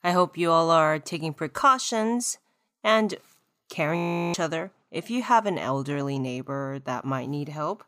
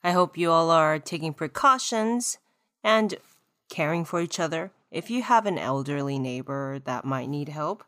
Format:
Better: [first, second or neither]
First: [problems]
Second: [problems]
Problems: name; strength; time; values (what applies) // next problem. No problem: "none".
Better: second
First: audio freezing; at 4 s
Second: none